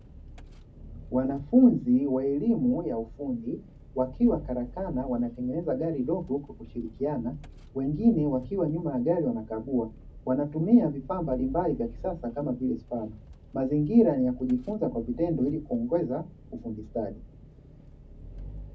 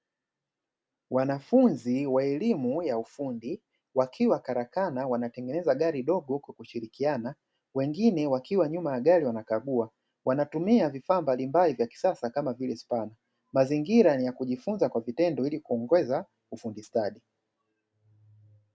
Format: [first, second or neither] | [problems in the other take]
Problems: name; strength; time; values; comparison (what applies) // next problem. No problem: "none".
second | background sound (Engine); 17 dB below the speech // room echo; dies away in 0.4 s